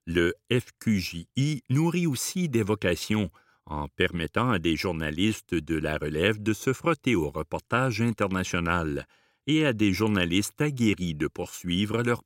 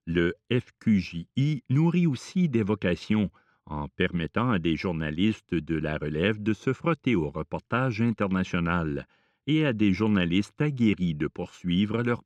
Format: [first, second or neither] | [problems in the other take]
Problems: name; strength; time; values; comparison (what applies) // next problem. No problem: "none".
first | muffled; slightly; fading above 3.5 kHz